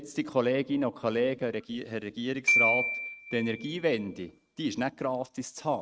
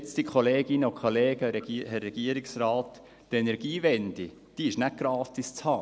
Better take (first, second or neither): second